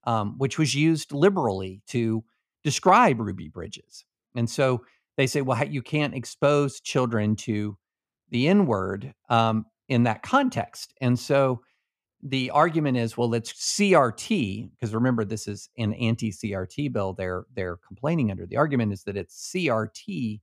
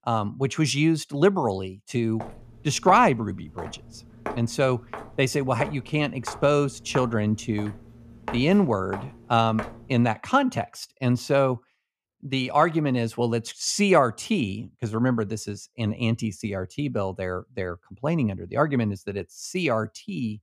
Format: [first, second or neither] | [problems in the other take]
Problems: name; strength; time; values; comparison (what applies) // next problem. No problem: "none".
first | footsteps; faint; from 2 to 10 s; peak 10 dB below the speech